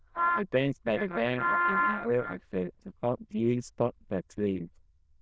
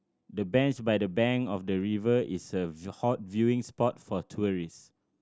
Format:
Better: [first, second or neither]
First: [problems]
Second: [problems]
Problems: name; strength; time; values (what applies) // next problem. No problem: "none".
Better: second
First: noise reduction (neural diffusion model UNIVERSE++)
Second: none